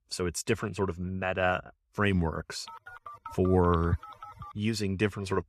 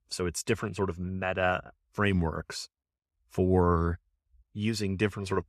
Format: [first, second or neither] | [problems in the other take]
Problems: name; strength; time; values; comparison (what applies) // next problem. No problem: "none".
second | phone ringing; noticeable; from 3 to 4.5 s; peak 7 dB below the speech